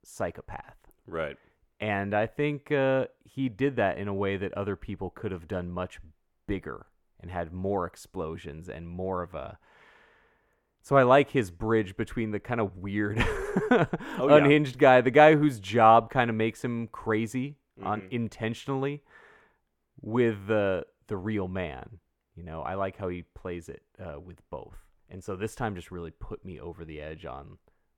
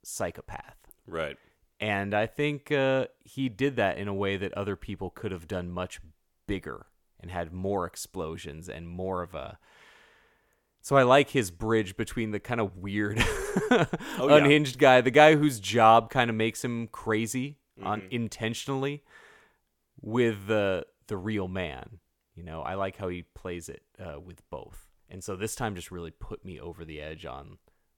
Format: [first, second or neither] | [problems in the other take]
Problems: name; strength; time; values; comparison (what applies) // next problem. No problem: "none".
second | muffled; slightly; fading above 3 kHz